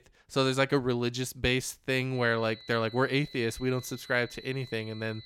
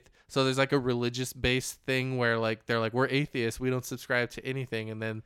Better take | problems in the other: second | high-pitched whine; noticeable; from 2 s on; 4 kHz, 20 dB below the speech

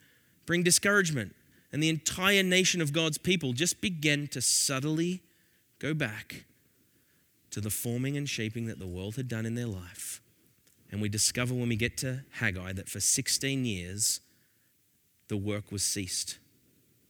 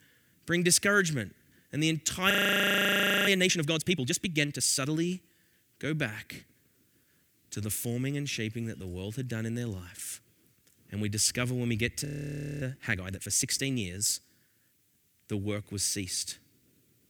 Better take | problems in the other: first | audio freezing; at 2.5 s for 1 s and at 12 s for 0.5 s

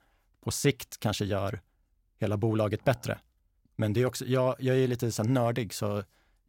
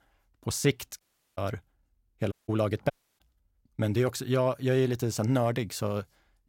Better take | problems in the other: first | audio cutting out; at 1 s, at 2.5 s and at 3 s

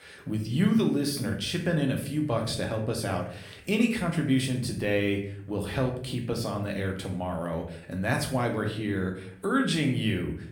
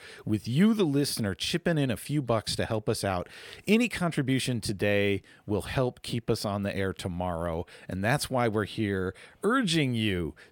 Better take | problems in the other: second | room echo; slight; dies away in 0.5 s // off-mic speech; somewhat distant

